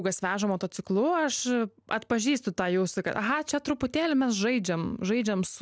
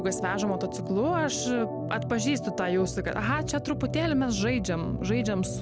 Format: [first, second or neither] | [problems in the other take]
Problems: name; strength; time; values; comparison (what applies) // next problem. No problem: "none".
first | background sound (Organ); 5 dB below the speech